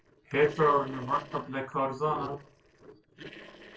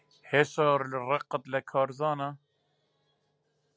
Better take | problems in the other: second | noise reduction (neural separator model SepFormer DNS4)

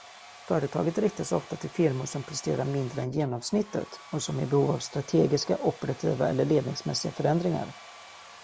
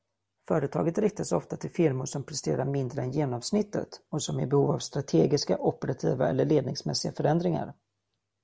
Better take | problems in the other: second | background sound (Domestic sounds, home sounds); 20 dB below the speech

